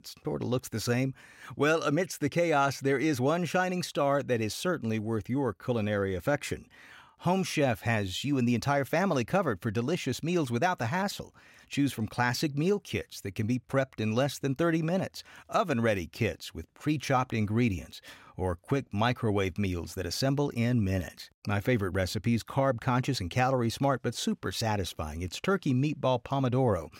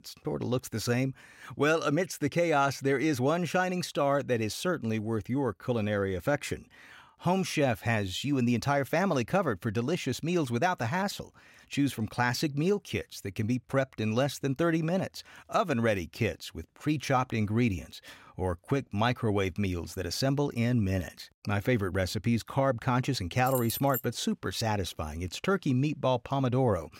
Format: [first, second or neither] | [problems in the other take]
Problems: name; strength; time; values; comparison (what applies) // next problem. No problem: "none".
first | jangling keys; noticeable; at 23 s; peak 6 dB below the speech